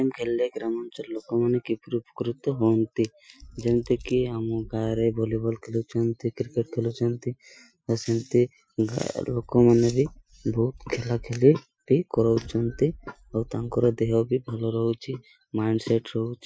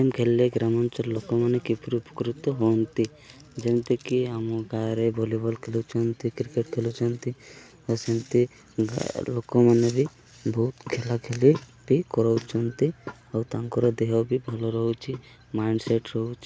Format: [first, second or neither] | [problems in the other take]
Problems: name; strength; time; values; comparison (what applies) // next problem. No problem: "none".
second | noise reduction (classical method Wiener filter)